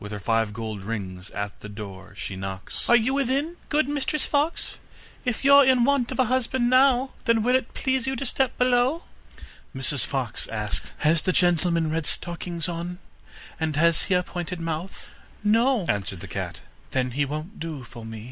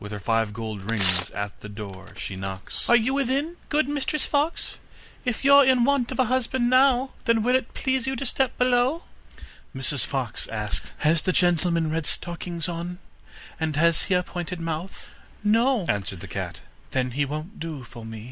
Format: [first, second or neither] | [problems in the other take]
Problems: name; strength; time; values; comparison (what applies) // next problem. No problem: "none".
first | background sound (Tearing); 10 dB below the speech